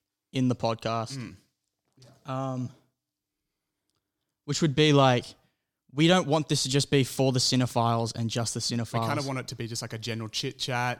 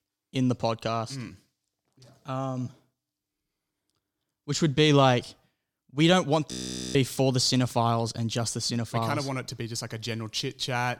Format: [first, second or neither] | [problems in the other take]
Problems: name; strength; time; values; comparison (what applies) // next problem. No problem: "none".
first | audio freezing; at 6.5 s